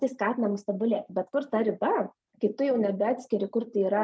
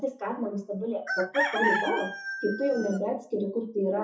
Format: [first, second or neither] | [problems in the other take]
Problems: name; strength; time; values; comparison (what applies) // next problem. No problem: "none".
first | noise reduction (classical method WPE with log-MMSE)